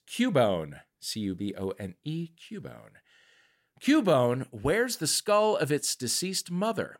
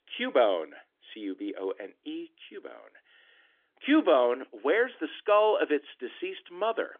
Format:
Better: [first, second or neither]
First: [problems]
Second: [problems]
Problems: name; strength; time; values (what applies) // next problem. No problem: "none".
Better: first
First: none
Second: phone-call audio; nothing above 3.5 kHz